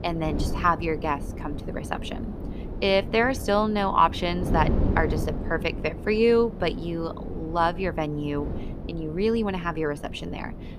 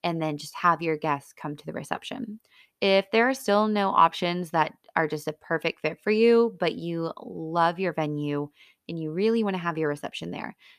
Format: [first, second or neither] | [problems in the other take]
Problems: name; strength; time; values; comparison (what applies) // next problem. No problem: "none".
second | wind noise on the microphone; occasional gusts; 15 dB below the speech